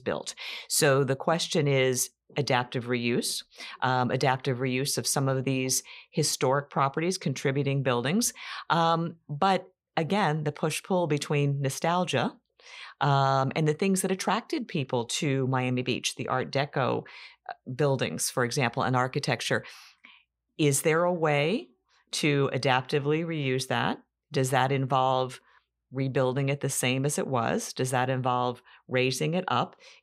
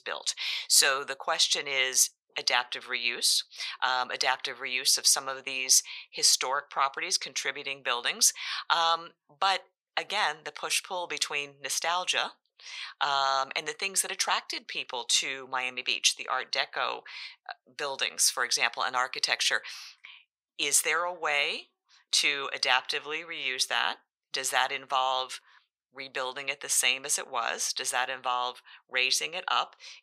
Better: first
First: none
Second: thin; very; fading below 950 Hz

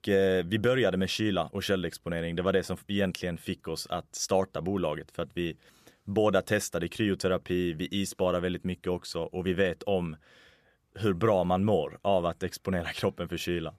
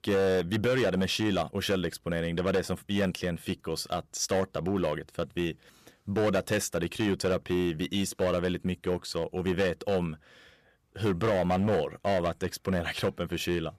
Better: first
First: none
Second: distortion; slight; 9% of the sound clipped

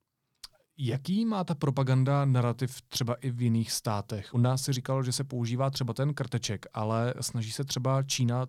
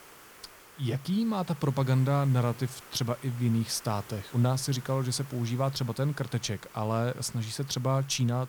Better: first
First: none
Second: hiss; noticeable; throughout; 20 dB below the speech

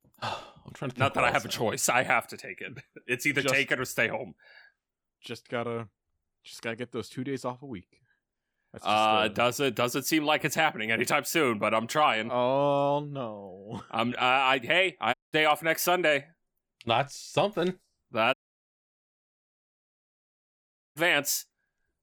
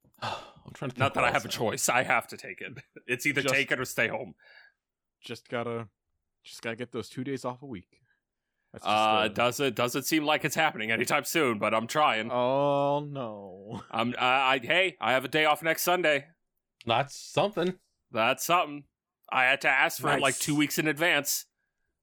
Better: second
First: audio cutting out; at 15 s and at 18 s for 2.5 s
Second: none

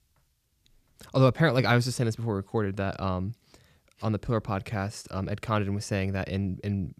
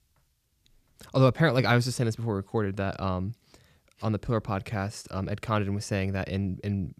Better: neither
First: none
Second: none

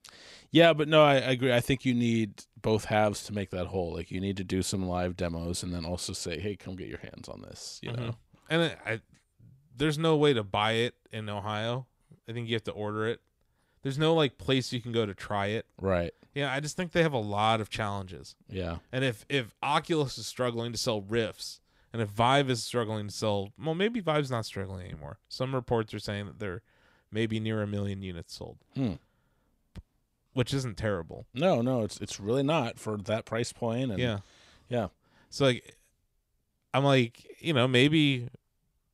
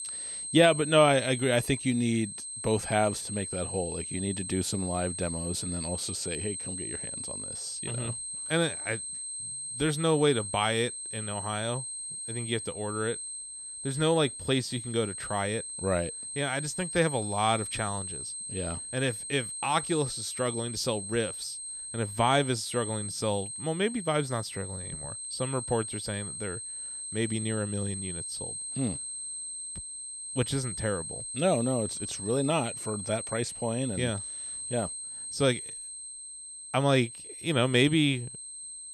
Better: first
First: none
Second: high-pitched whine; loud; throughout; 8.5 kHz, 6 dB below the speech

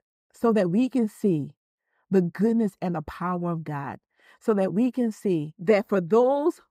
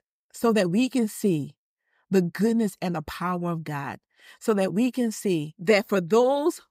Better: second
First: muffled; slightly; fading above 2 kHz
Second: none

